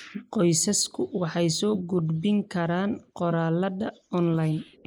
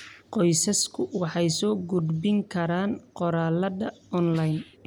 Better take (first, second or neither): second